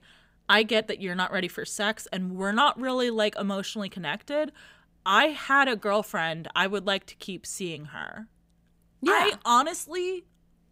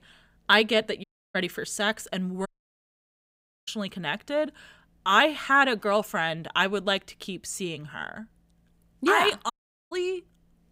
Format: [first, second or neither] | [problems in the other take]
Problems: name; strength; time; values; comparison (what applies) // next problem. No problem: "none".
first | audio cutting out; at 1 s, at 2.5 s for 1 s and at 9.5 s